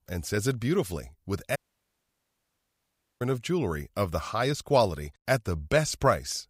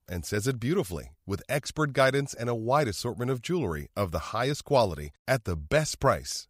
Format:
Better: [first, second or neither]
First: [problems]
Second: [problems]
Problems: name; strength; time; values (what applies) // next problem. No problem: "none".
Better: second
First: audio cutting out; at 1.5 s for 1.5 s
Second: none